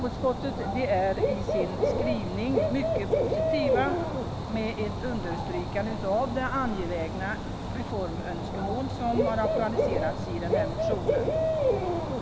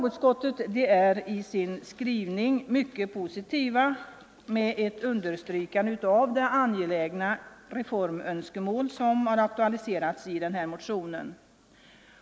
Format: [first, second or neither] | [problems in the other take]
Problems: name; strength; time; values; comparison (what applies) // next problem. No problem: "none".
second | background sound (Bird / Dog); 3 dB above the speech